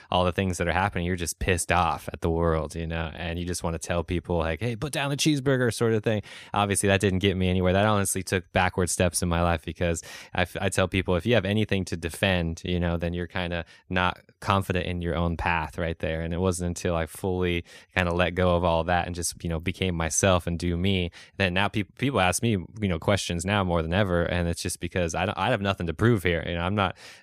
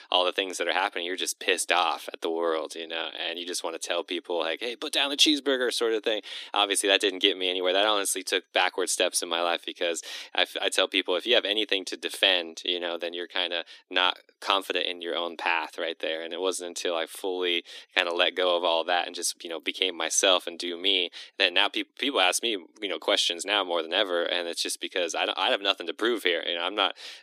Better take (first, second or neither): first